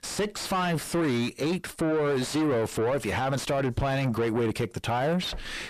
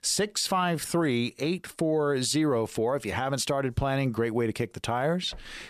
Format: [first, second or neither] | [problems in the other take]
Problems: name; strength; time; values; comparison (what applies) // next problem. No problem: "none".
second | distortion; heavy; 6 dB below the speech